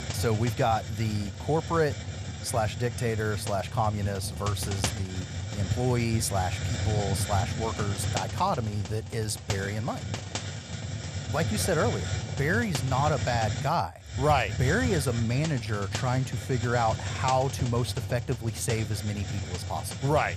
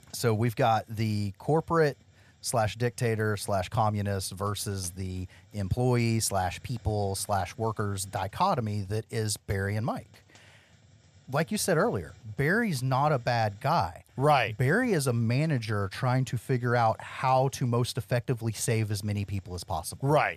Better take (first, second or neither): second